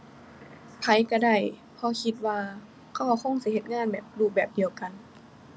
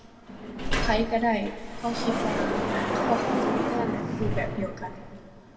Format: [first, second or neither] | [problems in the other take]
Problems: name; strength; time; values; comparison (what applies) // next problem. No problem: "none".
first | background sound (Sliding door); 2 dB above the speech // room echo; dies away in 1.8 s